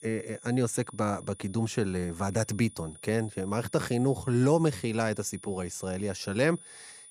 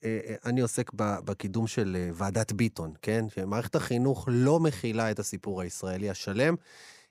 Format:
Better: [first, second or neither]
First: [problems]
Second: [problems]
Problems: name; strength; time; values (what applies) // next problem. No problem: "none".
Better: second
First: high-pitched whine; noticeable; throughout; 9.5 kHz, 20 dB below the speech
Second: none